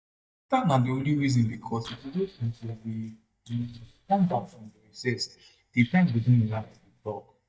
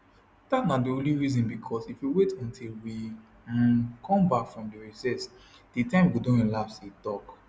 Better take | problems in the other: second | noise reduction (neural mask model DeepFilterNet 3)

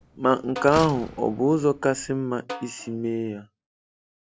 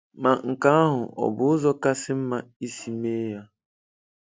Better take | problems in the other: second | background sound (Snare drum + Slam); 14 dB below the speech

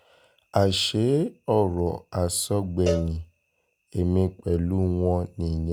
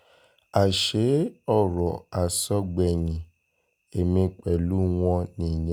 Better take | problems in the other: second | background sound (Cowbell); 11 dB below the speech

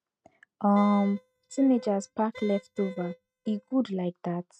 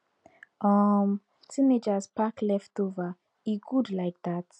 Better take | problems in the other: second | noise reduction (neural mask model RNNoise)

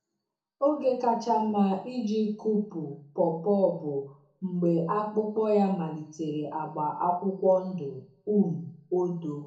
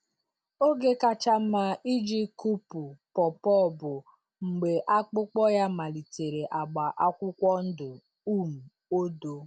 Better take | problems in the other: second | room echo; dies away in 0.7 s

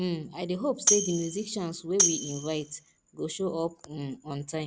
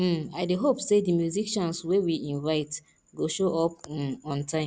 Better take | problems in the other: second | background sound (Tambourine); 2 dB above the speech

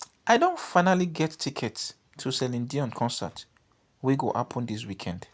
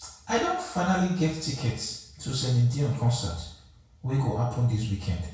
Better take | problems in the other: first | room echo; dies away in 0.6 s

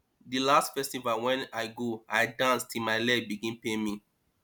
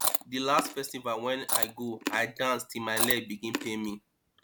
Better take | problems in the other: first | background sound (Chewing, mastication); 2 dB below the speech

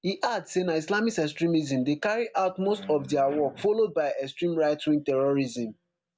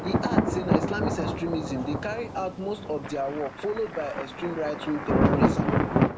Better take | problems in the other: first | background sound (Thunder); 4 dB above the speech

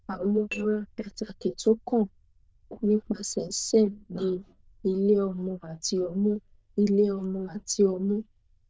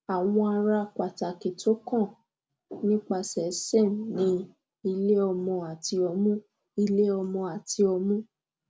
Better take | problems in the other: second | noise reduction (neural diffusion model UNIVERSE++)

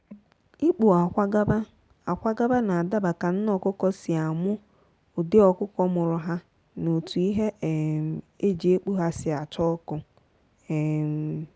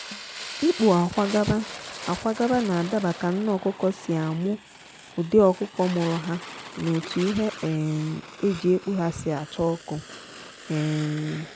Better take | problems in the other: first | background sound (Fire); 14 dB below the speech

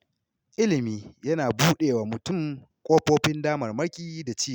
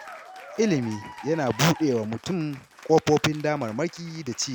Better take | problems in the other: first | background sound (Applause / Cheering); 18 dB below the speech

